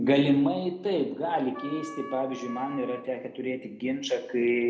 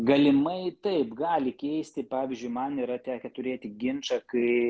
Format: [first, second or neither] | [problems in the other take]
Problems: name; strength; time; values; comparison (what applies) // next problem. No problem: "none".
second | background sound (Wind instrument, woodwind instrument); 15 dB below the speech // room echo; dies away in 0.7 s